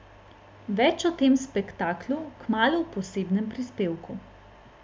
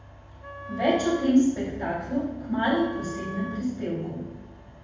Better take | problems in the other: first | background sound (Wind instrument, woodwind instrument); 14 dB below the speech // room echo; dies away in 1.2 s

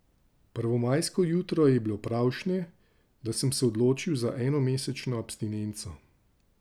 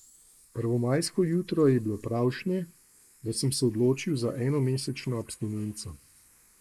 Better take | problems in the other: first | noise reduction (neural mask model Resemble Enhance denoiser)

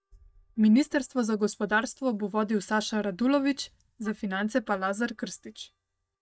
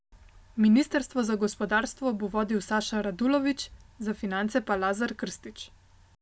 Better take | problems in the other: second | noise reduction (neural mask model DeepFilterNet 3)

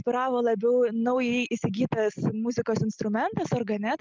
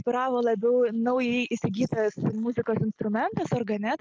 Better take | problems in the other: first | noise reduction (neural mask model Resemble Enhance denoiser)

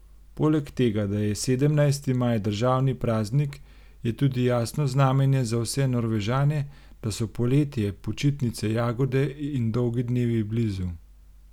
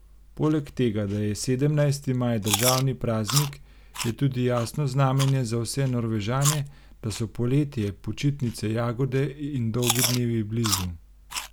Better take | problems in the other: first | background sound (Chewing, mastication); 9 dB below the speech

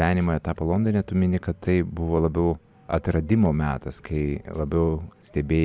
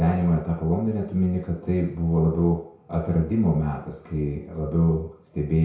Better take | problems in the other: first | room echo; dies away in 0.6 s

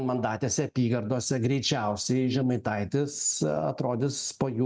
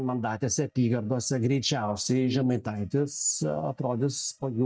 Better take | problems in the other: first | noise reduction (neural mask model DeepFilterNet 3)

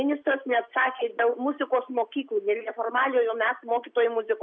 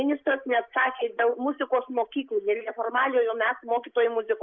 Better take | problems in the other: first | noise reduction (neural mask model Resemble Enhance denoiser)

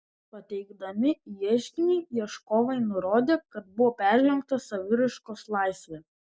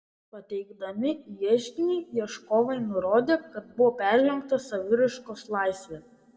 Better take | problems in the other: first | room echo; dies away in 2.2 s

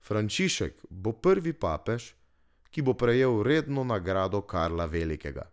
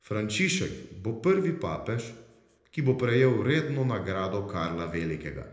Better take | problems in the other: first | room echo; dies away in 0.7 s

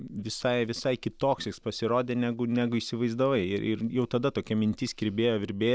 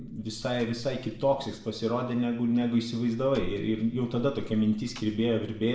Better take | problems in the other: first | background sound (Slam); 17 dB below the speech // room echo; dies away in 0.7 s

